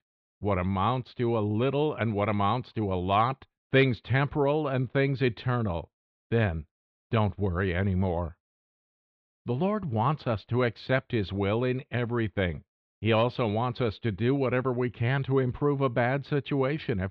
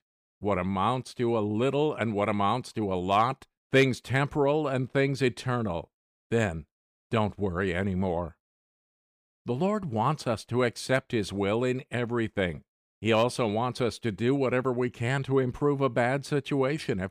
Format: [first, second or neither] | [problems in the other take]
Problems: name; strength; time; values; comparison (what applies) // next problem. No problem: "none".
second | muffled; slightly; fading above 4 kHz